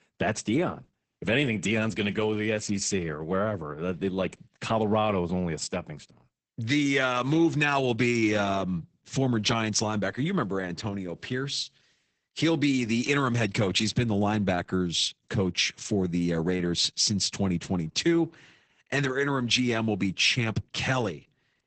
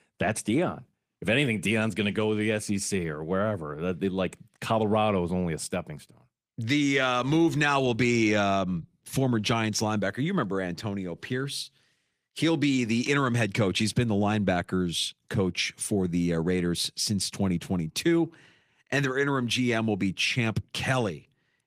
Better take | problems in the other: second | garbled, watery; badly; nothing above 8 kHz; slightly in the second

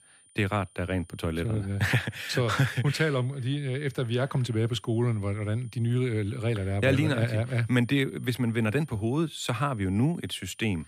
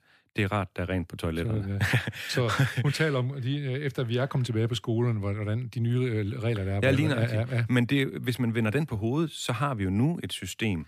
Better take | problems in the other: second | high-pitched whine; faint; throughout; 9 kHz, 30 dB below the speech

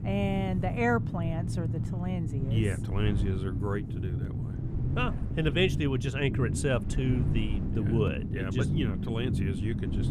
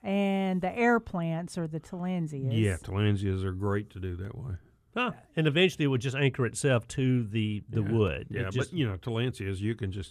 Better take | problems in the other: second | low rumble; loud; throughout; 8 dB below the speech

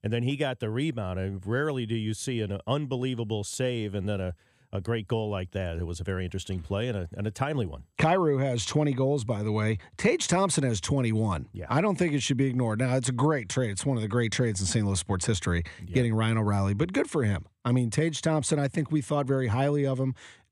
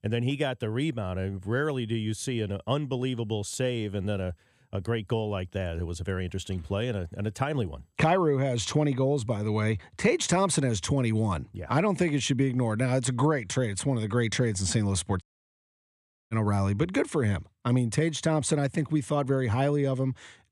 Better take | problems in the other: first | audio cutting out; at 15 s for 1 s

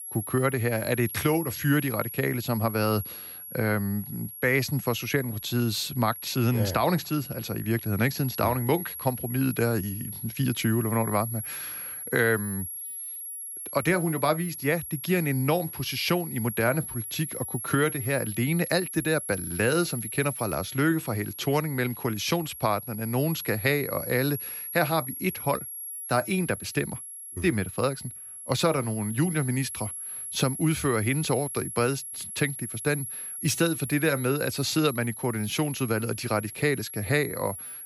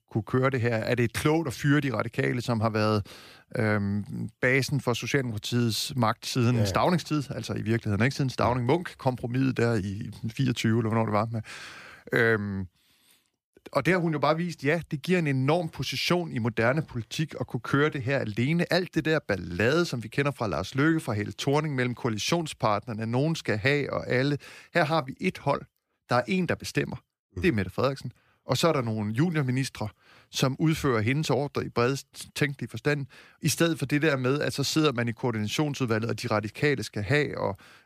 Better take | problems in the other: second | high-pitched whine; loud; throughout; 11.5 kHz, 8 dB below the speech

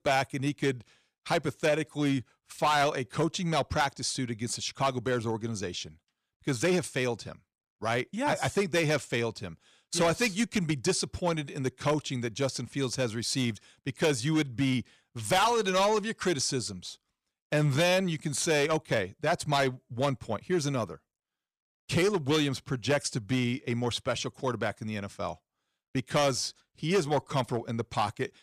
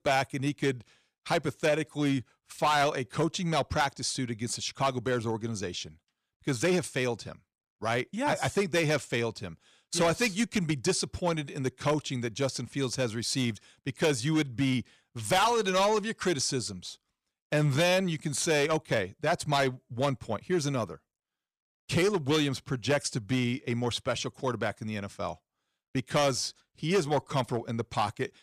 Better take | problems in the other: neither | distortion; slight; 4% of the sound clipped; the same in both

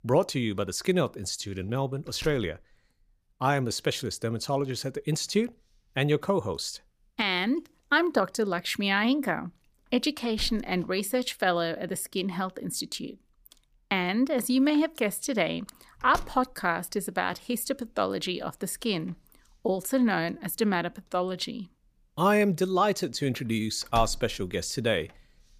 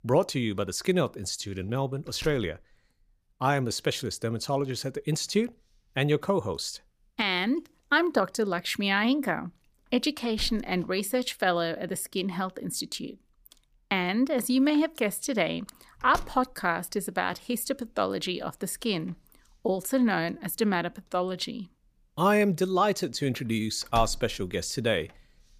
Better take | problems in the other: neither | household noises; noticeable; throughout; 20 dB below the speech; the same in both

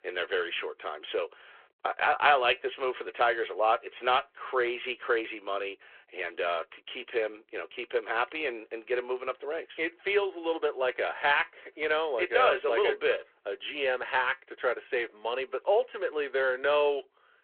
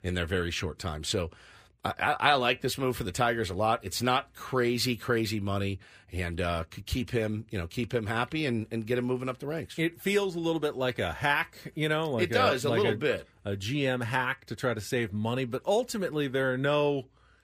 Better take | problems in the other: second | phone-call audio

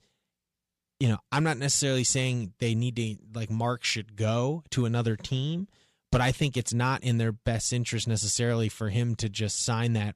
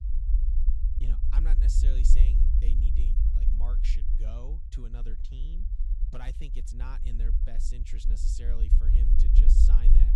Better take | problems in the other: first | low rumble; loud; throughout; 1 dB below the speech

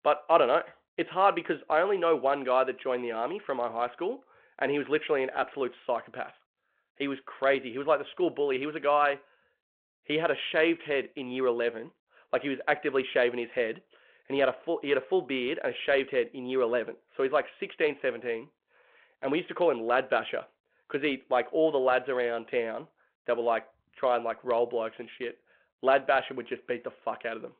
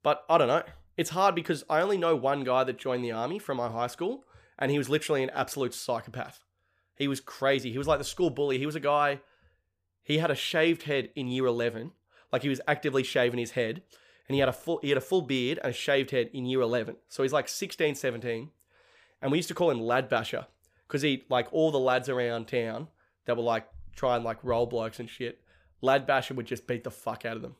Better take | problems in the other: second | phone-call audio

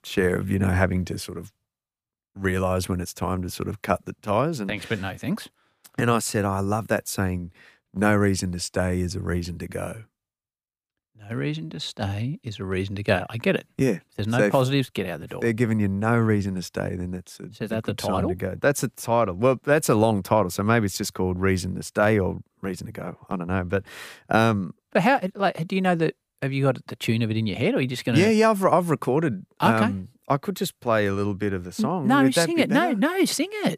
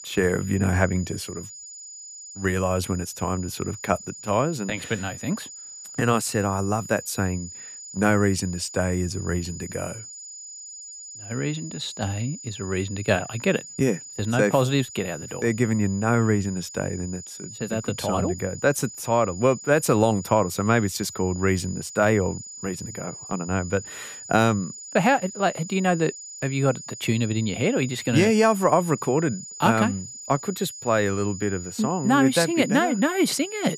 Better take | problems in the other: first | high-pitched whine; noticeable; throughout; 7 kHz, 15 dB below the speech

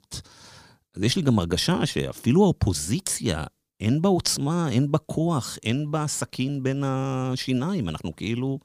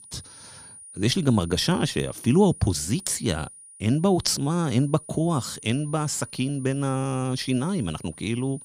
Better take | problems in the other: first | high-pitched whine; noticeable; throughout; 9.5 kHz, 15 dB below the speech

